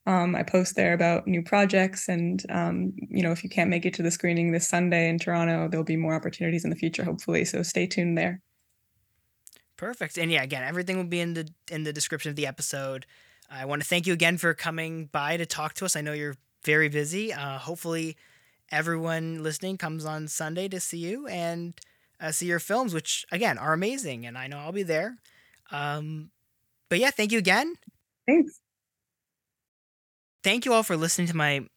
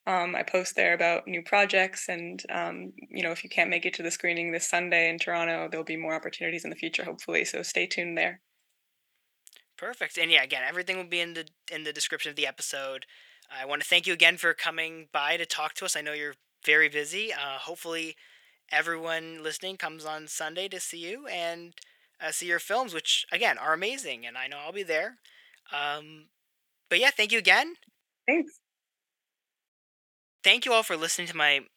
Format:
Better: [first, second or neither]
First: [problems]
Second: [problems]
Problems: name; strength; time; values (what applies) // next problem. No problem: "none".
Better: first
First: none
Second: thin; very; fading below 400 Hz